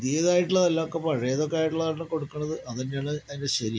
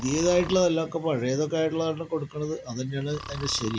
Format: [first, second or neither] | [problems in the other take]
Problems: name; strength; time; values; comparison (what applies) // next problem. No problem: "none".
first | background sound (Breathing); 17 dB below the speech